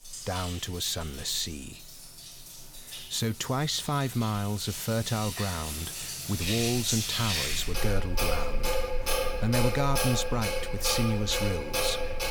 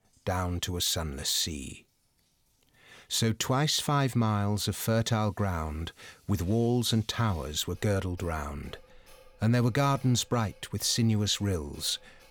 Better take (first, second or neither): second